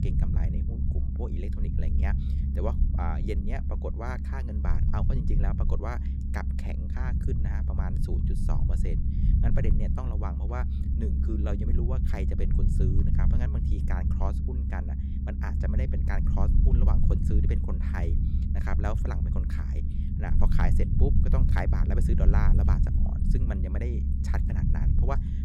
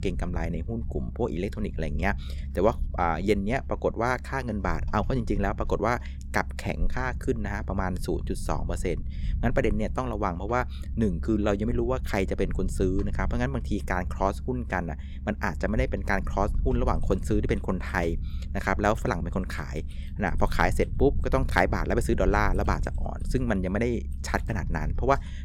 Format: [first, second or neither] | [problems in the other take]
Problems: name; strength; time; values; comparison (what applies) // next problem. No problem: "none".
second | low rumble; loud; throughout; 2 dB below the speech; faint in the second